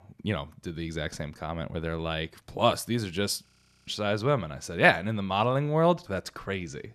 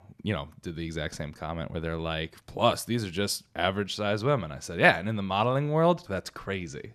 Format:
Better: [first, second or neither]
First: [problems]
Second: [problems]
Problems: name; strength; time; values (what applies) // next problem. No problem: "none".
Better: second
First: audio freezing; at 3.5 s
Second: none